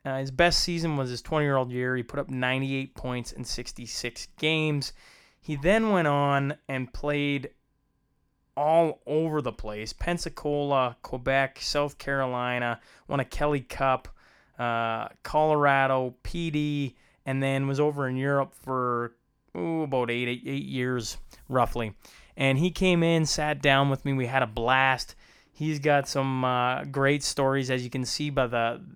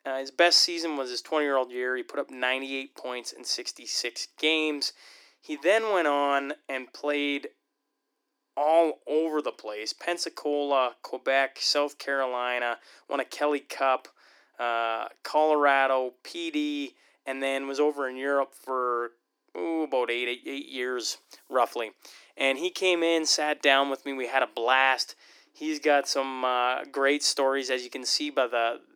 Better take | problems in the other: first | thin; somewhat; fading below 300 Hz

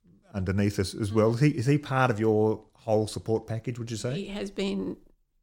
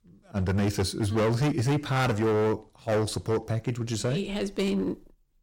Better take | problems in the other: first | distortion; heavy; 15% of the sound clipped

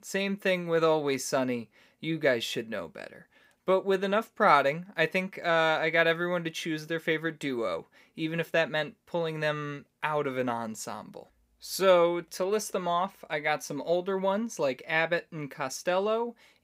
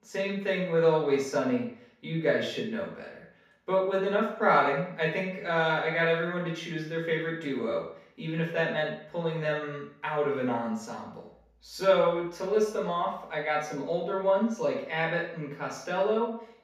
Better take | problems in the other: first | room echo; noticeable; dies away in 0.6 s // off-mic speech; far

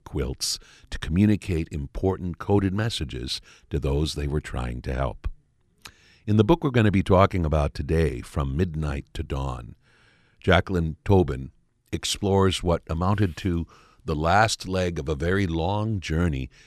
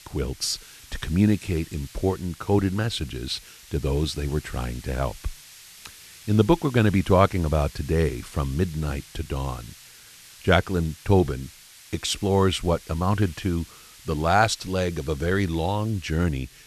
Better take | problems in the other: first | hiss; faint; throughout; 20 dB below the speech

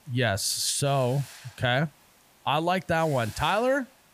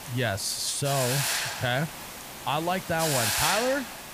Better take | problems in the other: first | hiss; loud; throughout; 1 dB below the speech; faint in the first

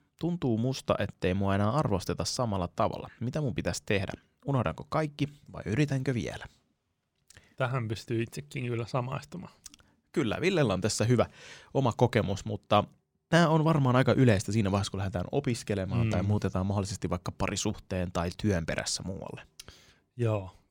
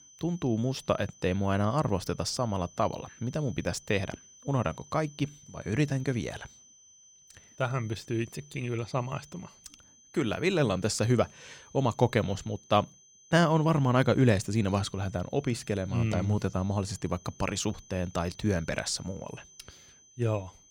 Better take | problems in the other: first | high-pitched whine; faint; throughout; 6 kHz, 25 dB below the speech

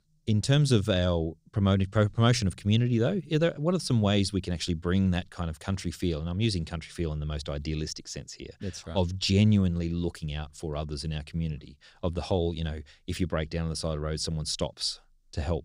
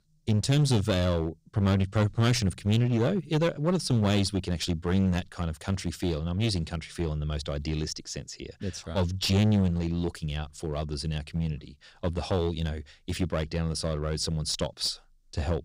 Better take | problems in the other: first | distortion; slight; 7% of the sound clipped

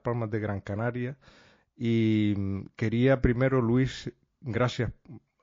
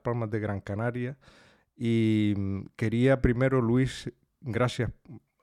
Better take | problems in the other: second | garbled, watery; slightly

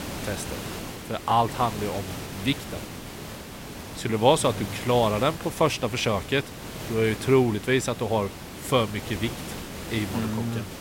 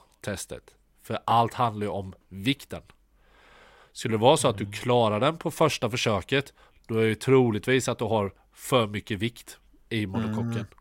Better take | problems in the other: second | hiss; noticeable; throughout; 10 dB below the speech

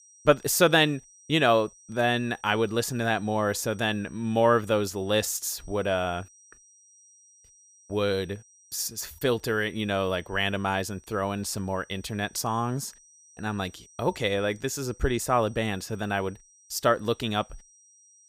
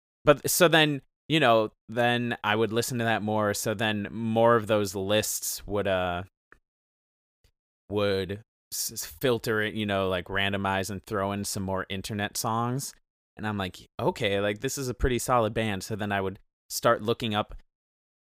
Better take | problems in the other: second | high-pitched whine; faint; throughout; 6 kHz, 25 dB below the speech

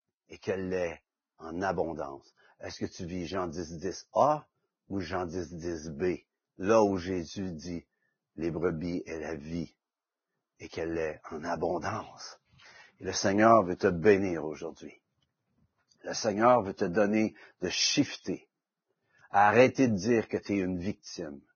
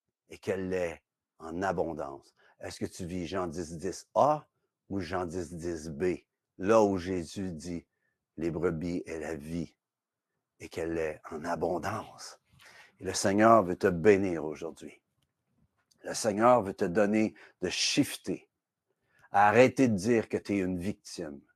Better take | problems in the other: second | garbled, watery; badly; nothing above 6.5 kHz; slightly in the second

